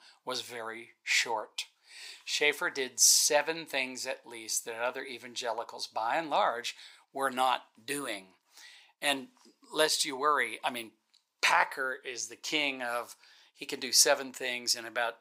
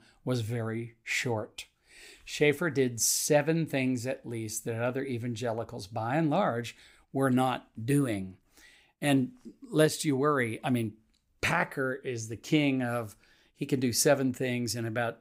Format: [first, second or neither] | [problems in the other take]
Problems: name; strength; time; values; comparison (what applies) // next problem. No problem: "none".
second | thin; very; fading below 650 Hz